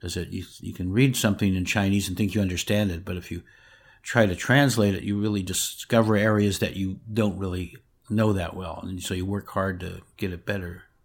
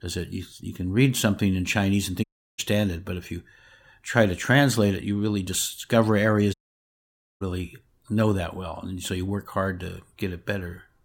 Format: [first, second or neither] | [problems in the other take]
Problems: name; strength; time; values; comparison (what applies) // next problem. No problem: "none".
first | audio cutting out; at 2 s and at 6.5 s for 1 s